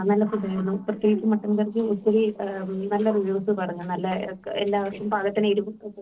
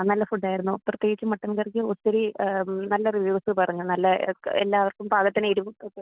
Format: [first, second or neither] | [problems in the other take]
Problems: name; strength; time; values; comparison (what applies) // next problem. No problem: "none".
second | noise reduction (neural separator model SepFormer DNS4)